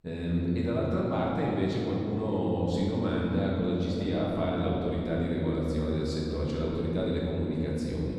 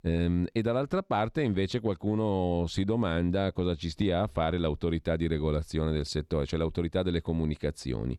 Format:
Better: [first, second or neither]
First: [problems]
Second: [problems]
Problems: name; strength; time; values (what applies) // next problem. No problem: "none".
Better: second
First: room echo; strong; dies away in 3 s // off-mic speech; far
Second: none